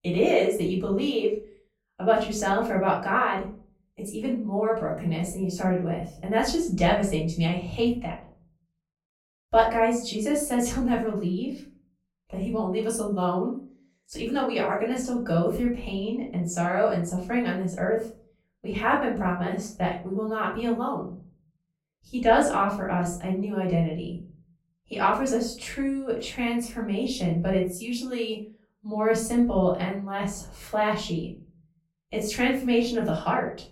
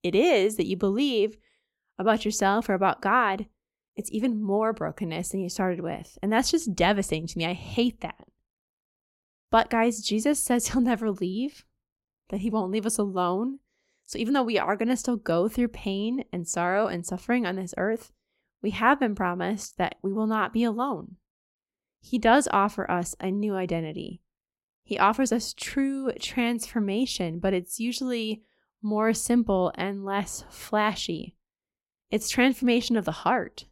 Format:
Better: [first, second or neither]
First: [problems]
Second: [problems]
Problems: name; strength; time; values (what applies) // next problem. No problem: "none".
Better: second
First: off-mic speech; far // room echo; slight; dies away in 0.5 s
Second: none